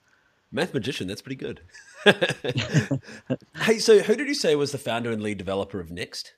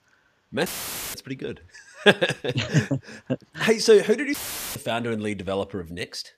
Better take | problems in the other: first | audio cutting out; filled with static; at 0.5 s and at 4.5 s

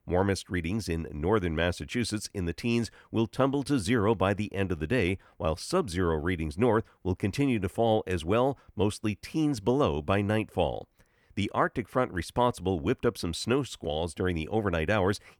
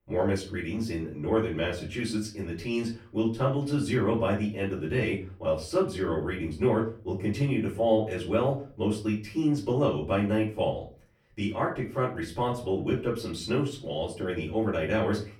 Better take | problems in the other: first | off-mic speech; far // room echo; slight; dies away in 0.3 s

